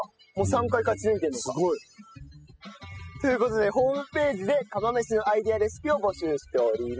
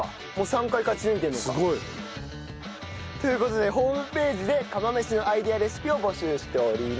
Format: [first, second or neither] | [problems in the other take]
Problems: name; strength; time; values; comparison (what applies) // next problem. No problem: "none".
second | noise reduction (classical method spectral subtraction)